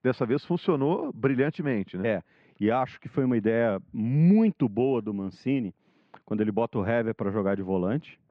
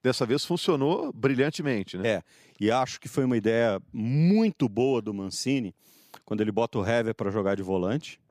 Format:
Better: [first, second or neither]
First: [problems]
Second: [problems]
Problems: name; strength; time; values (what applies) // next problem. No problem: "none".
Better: second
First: muffled; very; fading above 2.5 kHz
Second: none